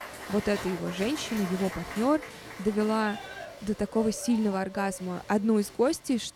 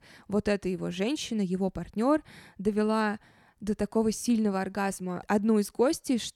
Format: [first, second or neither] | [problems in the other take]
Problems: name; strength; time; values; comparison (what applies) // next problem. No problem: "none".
second | crowd noise; noticeable; throughout; 10 dB below the speech